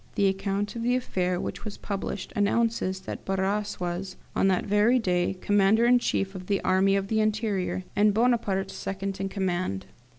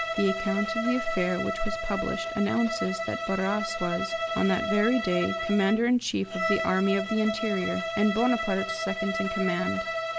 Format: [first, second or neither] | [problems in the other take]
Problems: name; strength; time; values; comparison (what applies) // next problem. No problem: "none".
first | background sound (Bowed string instrument); 4 dB below the speech